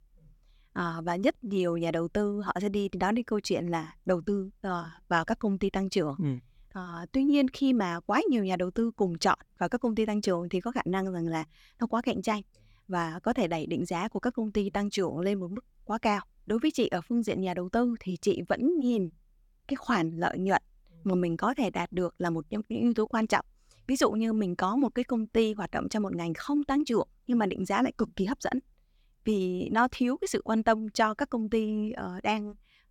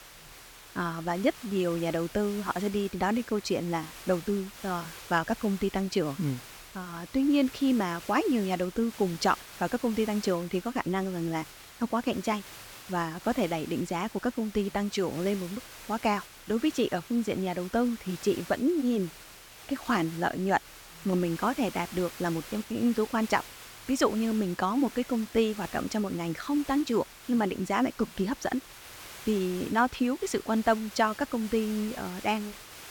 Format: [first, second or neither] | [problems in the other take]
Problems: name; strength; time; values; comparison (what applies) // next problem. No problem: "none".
first | hiss; noticeable; throughout; 15 dB below the speech